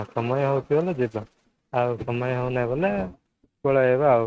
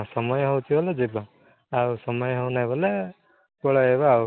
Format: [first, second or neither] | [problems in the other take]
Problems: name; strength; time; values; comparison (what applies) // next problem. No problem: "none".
second | noise reduction (neural mask model RNNoise)